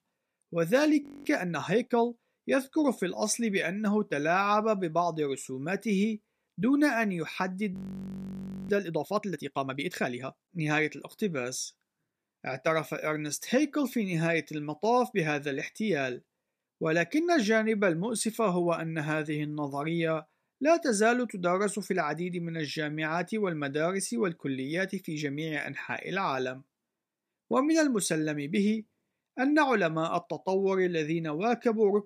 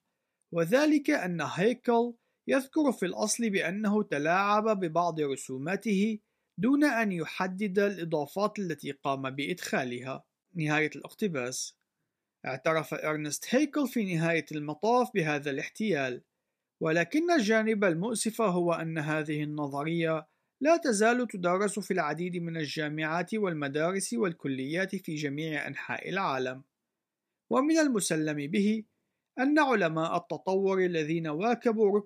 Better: second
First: audio freezing; at 1 s and at 7.5 s for 1 s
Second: none

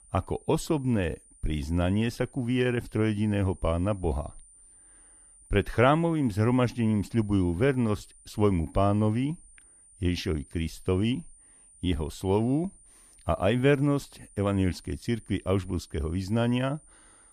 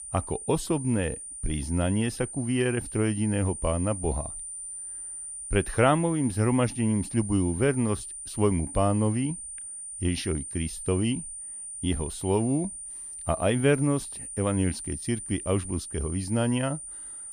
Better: first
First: high-pitched whine; faint; throughout; 9 kHz, 25 dB below the speech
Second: high-pitched whine; loud; throughout; 9 kHz, 8 dB below the speech

